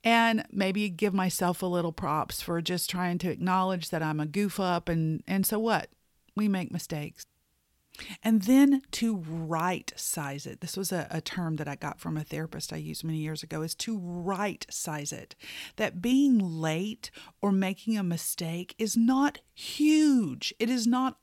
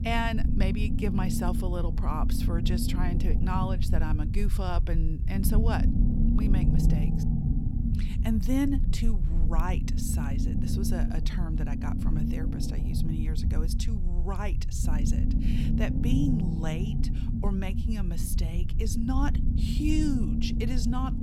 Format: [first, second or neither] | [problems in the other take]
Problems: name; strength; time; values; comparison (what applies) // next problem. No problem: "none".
first | low rumble; loud; throughout; 3 dB below the speech